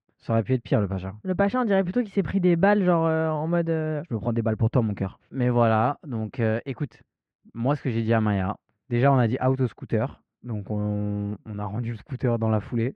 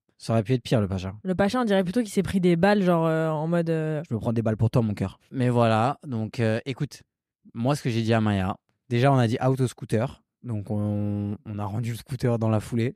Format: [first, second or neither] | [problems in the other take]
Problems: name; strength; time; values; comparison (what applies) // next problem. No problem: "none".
second | muffled; very; fading above 2 kHz